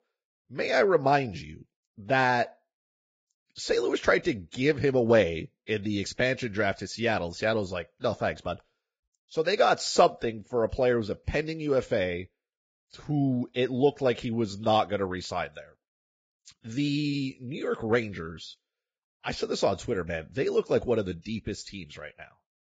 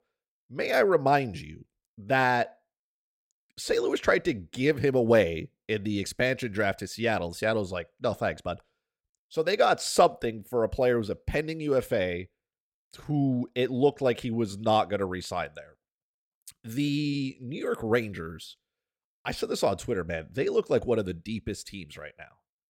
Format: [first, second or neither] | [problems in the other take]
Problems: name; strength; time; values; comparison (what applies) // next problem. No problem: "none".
second | garbled, watery; badly; nothing above 7.5 kHz